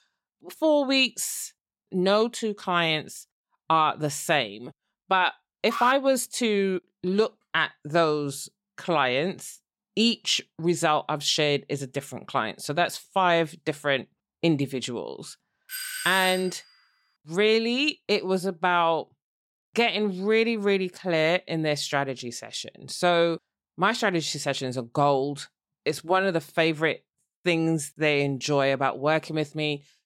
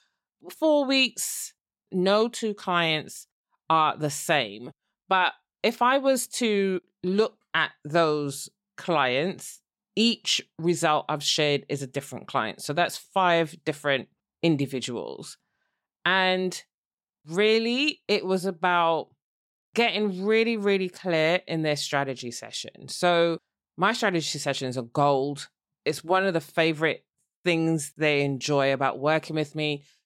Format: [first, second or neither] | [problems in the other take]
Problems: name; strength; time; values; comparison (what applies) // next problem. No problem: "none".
second | alarm; noticeable; at 5.5 s; peak 6 dB below the speech // doorbell; noticeable; at 16 s; peak 6 dB below the speech